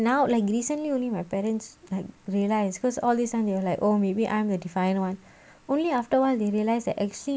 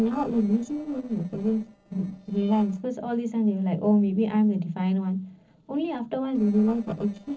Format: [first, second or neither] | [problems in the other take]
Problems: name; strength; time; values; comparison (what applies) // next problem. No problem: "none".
first | noise reduction (neural separator model SepFormer DNS4)